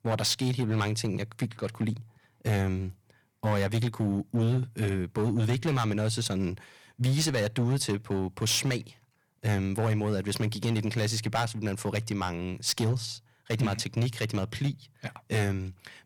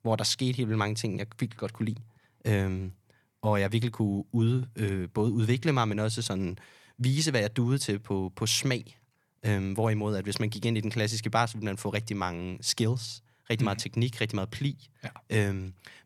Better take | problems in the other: second | distortion; slight; 7% of the sound clipped

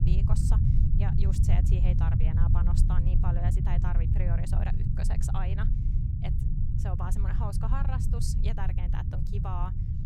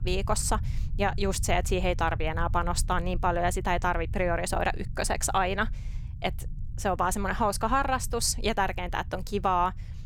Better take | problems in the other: second | low rumble; loud; throughout; 1 dB below the speech; faint in the second

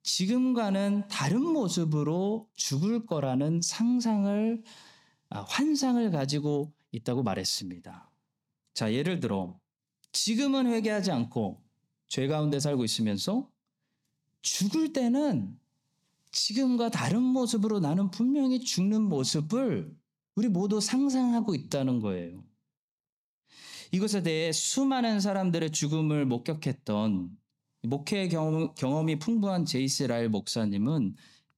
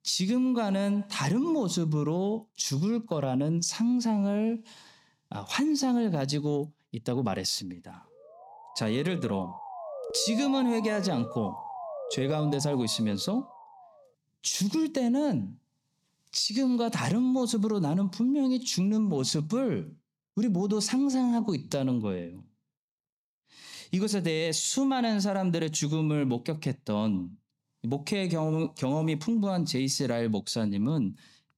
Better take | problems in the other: first | siren; noticeable; from 8 to 14 s; peak 8 dB below the speech

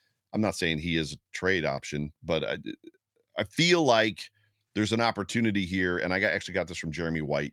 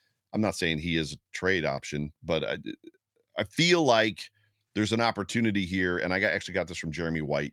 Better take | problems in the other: neither | none

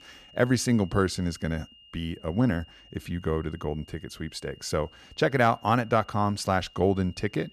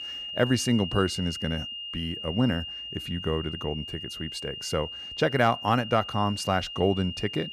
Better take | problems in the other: first | high-pitched whine; loud; throughout; 3 kHz, 7 dB below the speech; faint in the first

